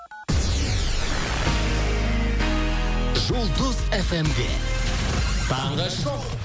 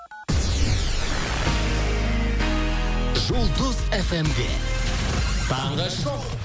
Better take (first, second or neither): first